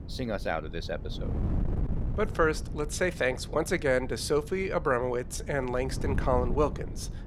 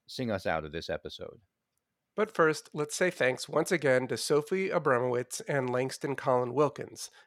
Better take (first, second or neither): second